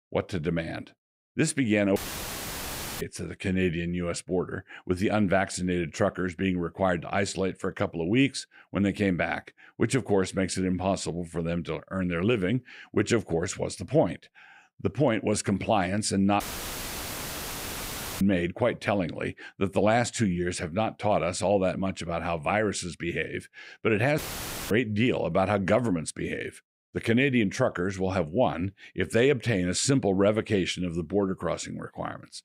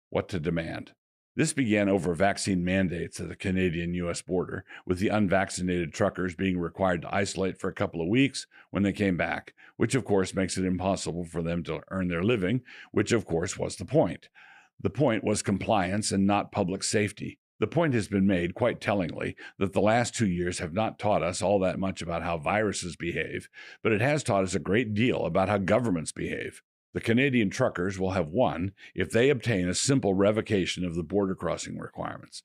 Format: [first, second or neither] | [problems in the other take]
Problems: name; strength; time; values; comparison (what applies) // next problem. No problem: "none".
second | audio cutting out; filled with static; at 2 s for 1 s, at 16 s for 2 s and at 24 s for 0.5 s